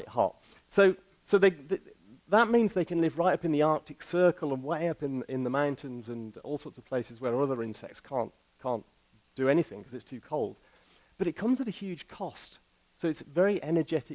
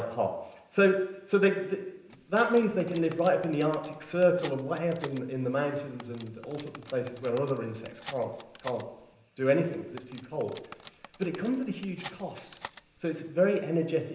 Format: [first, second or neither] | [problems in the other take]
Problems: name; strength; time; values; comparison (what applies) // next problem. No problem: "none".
first | background sound (Cutlery, silverware); 19 dB below the speech // room echo; dies away in 0.9 s